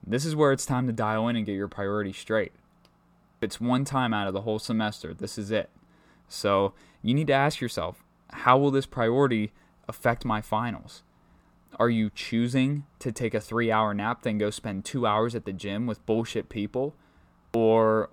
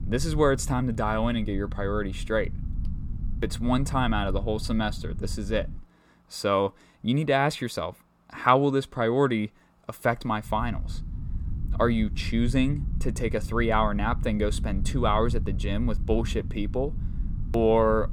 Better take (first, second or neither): first